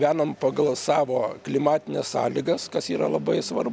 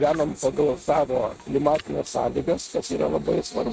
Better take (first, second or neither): first